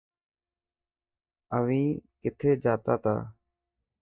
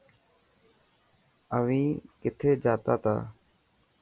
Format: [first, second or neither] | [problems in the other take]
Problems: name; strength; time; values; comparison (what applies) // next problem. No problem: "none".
second | noise reduction (neural mask model DeepFilterNet 3)